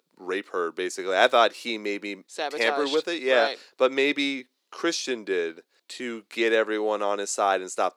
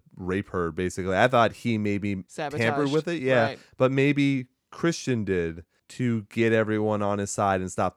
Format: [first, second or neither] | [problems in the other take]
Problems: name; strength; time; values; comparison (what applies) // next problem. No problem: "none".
second | thin; somewhat; fading below 350 Hz